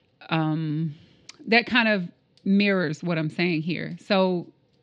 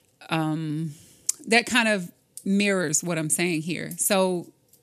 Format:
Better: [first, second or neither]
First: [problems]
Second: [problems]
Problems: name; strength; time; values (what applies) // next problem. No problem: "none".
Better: second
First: muffled; very slightly; fading above 4.5 kHz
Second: none